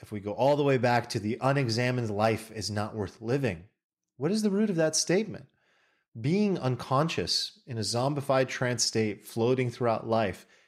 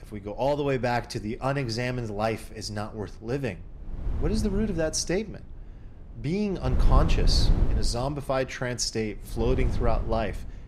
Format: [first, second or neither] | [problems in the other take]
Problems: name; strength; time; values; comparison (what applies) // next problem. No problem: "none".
first | wind noise on the microphone; occasional gusts; 10 dB below the speech